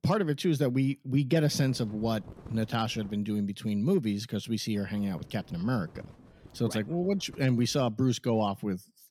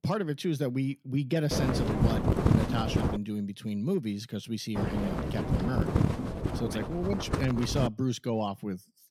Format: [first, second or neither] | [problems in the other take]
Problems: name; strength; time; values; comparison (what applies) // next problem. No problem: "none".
first | wind noise on the microphone; heavy; from 1.5 to 3 s and from 5 to 8 s; as loud as the speech; occasional gusts in the first